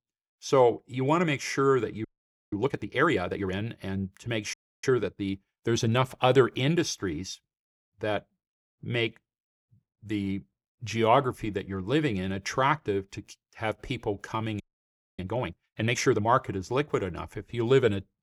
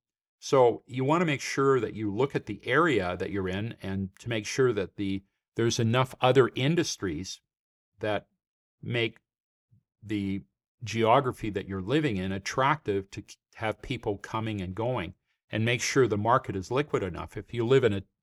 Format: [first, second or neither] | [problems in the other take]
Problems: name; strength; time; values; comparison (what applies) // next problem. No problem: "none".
second | audio freezing; at 2 s, at 4.5 s and at 15 s for 0.5 s